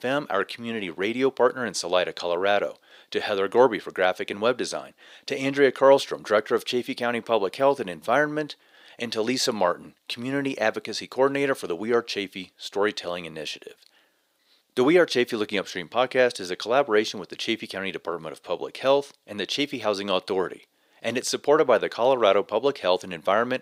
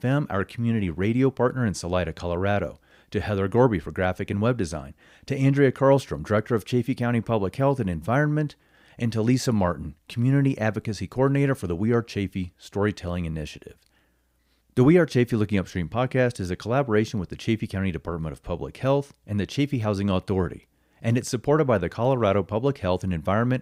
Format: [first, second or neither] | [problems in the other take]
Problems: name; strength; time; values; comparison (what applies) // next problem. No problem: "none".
second | thin; somewhat; fading below 450 Hz